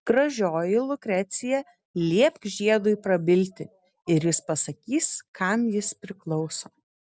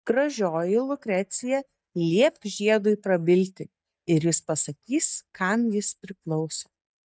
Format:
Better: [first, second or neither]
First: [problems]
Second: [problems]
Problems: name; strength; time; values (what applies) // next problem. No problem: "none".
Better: first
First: none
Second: noise reduction (neural mask model DeepFilterNet 3)